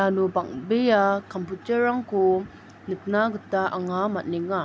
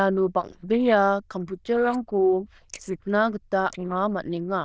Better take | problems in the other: first | noise reduction (neural diffusion model UNIVERSE++)

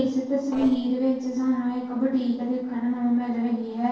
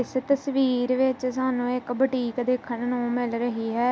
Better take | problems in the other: second | noise reduction (neural separator model SepFormer DNS4)

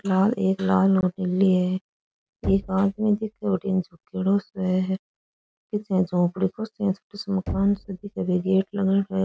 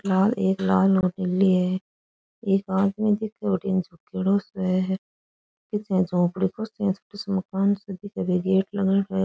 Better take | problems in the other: second | background sound (Knock); 18 dB below the speech

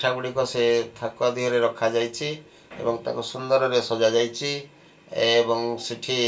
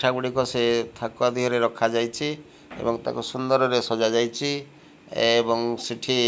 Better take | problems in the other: second | room echo; dies away in 0.2 s

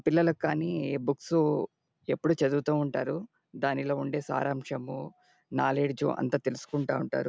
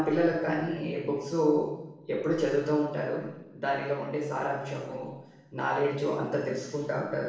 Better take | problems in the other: first | room echo; dies away in 0.9 s

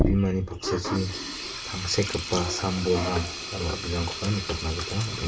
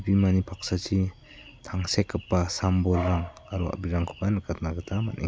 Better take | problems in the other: second | background sound (Sink (filling or washing)); 3 dB below the speech // room echo; dies away in 0.2 s

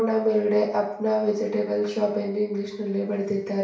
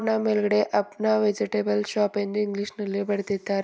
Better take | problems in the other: second | room echo; dies away in 0.6 s

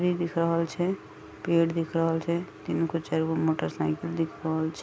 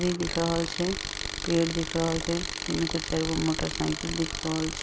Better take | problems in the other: first | background sound (Tools); 5 dB below the speech

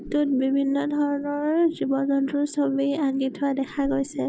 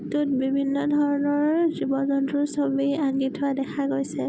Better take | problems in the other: second | noise reduction (neural mask model DeepFilterNet 3)

